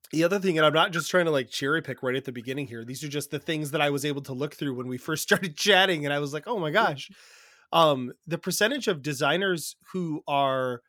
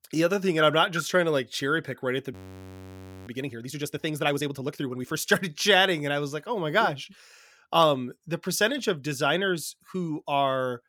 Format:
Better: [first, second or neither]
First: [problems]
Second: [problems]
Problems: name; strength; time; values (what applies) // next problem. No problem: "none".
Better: first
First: none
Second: audio freezing; at 2.5 s for 1 s